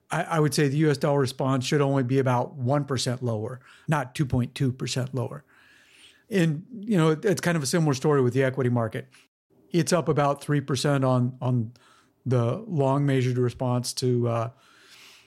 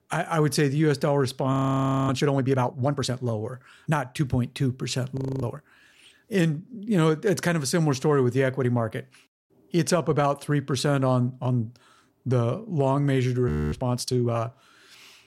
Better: first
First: none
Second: audio freezing; at 1.5 s for 0.5 s, at 5 s and at 13 s

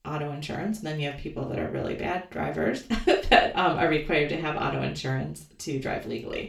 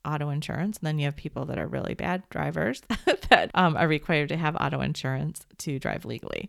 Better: second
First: room echo; slight; dies away in 0.3 s // off-mic speech; far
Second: none

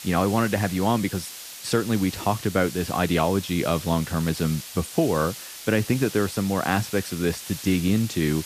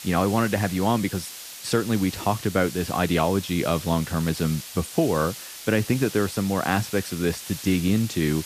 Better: neither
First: hiss; noticeable; throughout; 10 dB below the speech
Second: hiss; noticeable; throughout; 10 dB below the speech

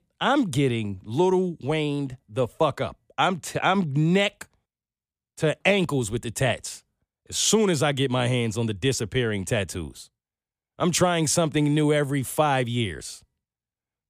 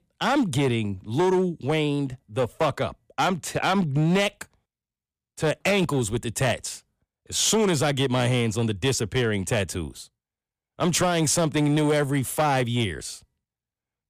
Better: first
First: none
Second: distortion; slight; 8% of the sound clipped

